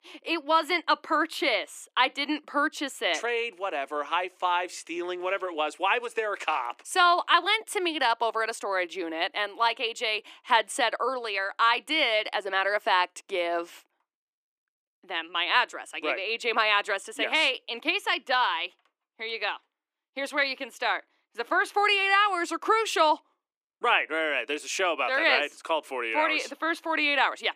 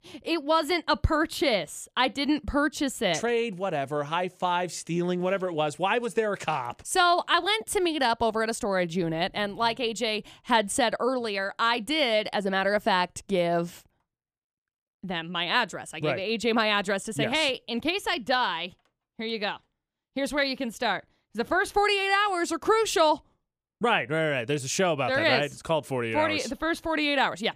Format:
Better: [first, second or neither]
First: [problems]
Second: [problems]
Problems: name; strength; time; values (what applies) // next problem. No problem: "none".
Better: second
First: thin; somewhat; fading below 300 Hz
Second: none